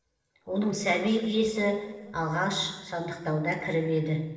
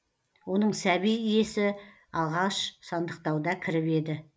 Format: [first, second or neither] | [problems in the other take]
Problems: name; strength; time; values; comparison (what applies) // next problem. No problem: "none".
second | noise reduction (neural separator model SepFormer DNS4)